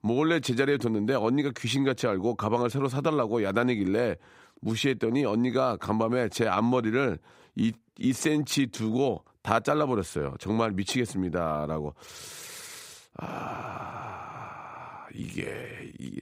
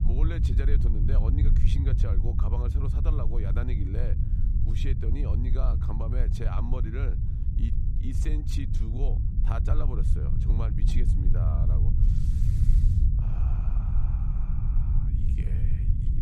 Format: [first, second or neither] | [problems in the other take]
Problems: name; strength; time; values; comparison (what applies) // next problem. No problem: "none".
first | low rumble; loud; throughout; 1 dB below the speech